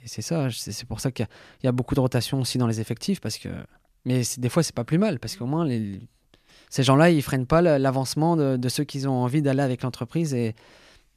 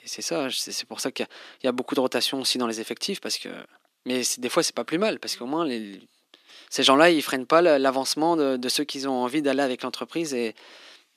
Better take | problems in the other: first | thin; somewhat; fading below 250 Hz

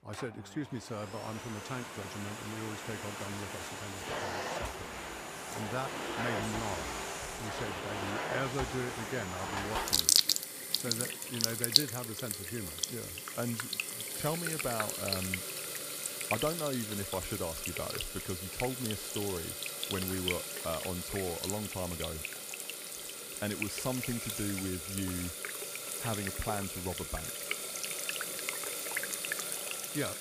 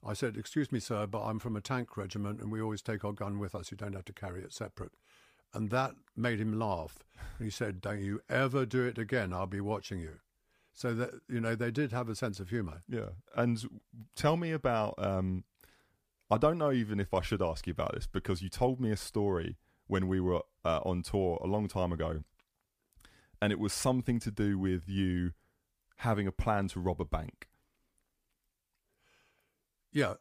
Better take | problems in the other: second | household noises; very loud; throughout; 5 dB above the speech

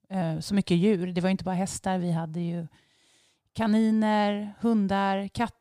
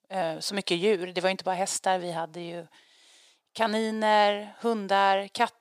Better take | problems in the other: first | thin; very; fading below 500 Hz

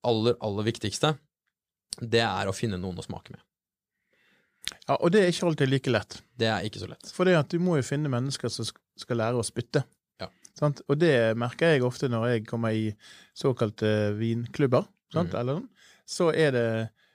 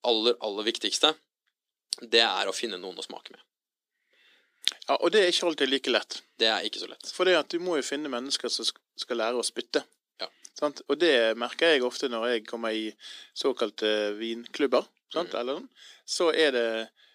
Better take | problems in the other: first | thin; somewhat; fading below 250 Hz

